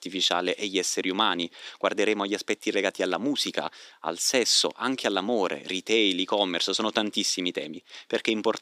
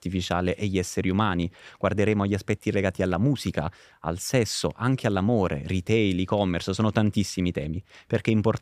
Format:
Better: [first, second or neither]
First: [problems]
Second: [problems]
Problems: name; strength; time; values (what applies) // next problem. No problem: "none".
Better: second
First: thin; somewhat; fading below 300 Hz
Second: none